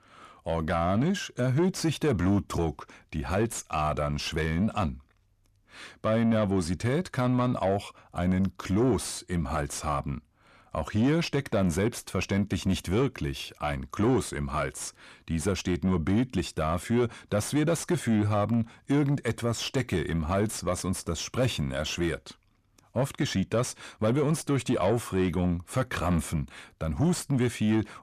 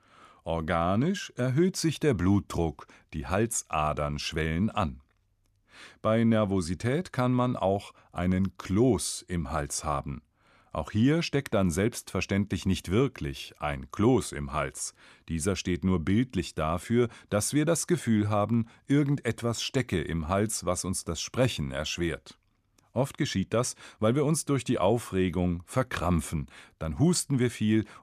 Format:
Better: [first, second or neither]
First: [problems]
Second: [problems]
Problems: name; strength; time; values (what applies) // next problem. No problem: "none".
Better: second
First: distortion; slight; 10 dB below the speech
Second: none